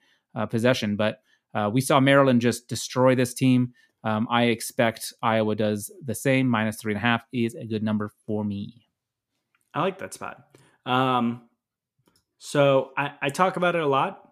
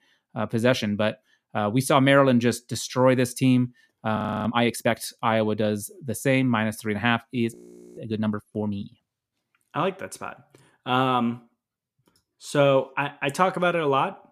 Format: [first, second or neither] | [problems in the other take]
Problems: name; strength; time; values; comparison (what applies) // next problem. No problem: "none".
first | audio freezing; at 4 s and at 7.5 s